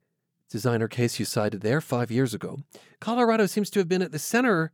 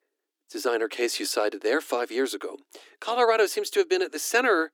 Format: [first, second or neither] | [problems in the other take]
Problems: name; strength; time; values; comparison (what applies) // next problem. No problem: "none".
first | thin; very; fading below 300 Hz